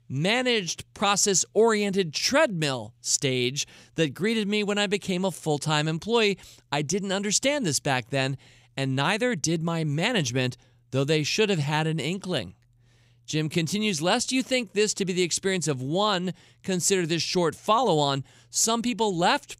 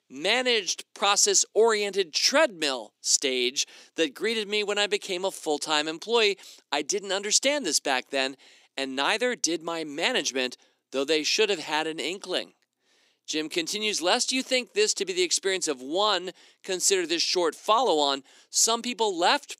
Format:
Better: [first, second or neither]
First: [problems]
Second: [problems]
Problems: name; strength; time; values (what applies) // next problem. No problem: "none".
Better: first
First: none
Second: thin; somewhat; fading below 300 Hz